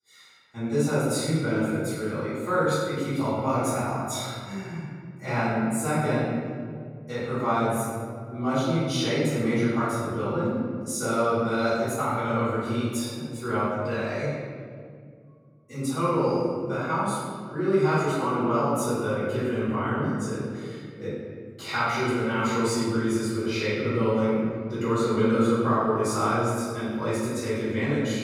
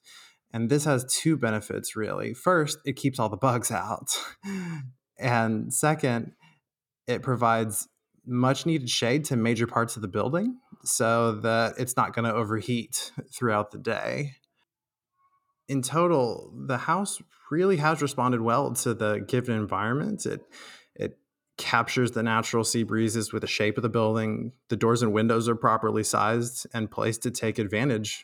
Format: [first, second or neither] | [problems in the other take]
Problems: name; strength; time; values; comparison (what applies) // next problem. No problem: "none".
second | room echo; strong; dies away in 2.1 s // off-mic speech; far